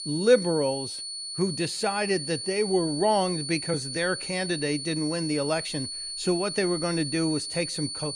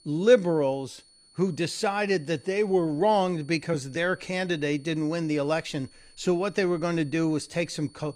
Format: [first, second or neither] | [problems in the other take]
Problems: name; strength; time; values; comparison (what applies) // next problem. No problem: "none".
second | high-pitched whine; loud; throughout; 4.5 kHz, 5 dB below the speech; faint in the second